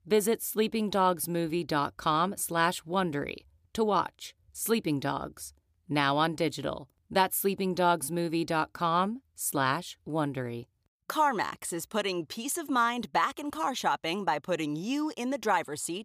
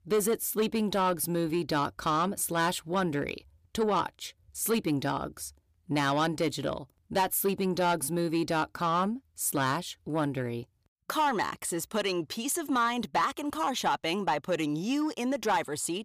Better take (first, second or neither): first